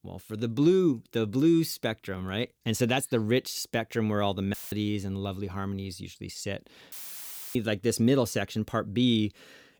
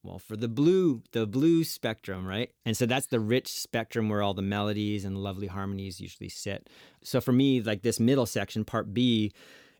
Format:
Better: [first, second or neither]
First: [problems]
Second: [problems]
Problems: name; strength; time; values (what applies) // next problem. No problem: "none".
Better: second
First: audio cutting out; filled with static; at 4.5 s and at 7 s for 0.5 s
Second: none